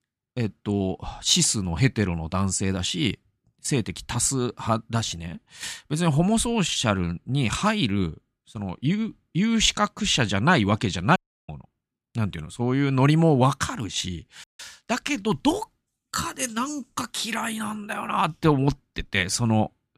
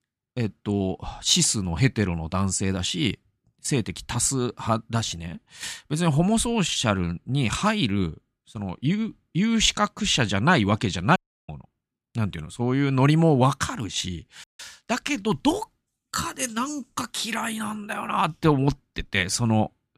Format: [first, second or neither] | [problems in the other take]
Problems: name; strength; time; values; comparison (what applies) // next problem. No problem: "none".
neither | audio cutting out; at 11 s and at 14 s; the same in both